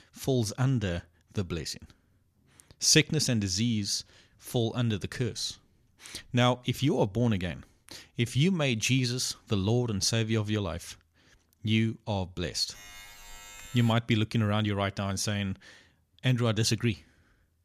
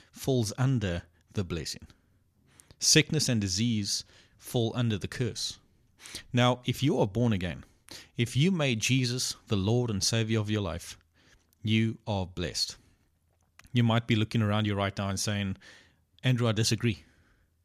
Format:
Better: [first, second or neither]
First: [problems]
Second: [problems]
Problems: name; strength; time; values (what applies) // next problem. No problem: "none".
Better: second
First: alarm; faint; from 13 to 14 s; peak 15 dB below the speech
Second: none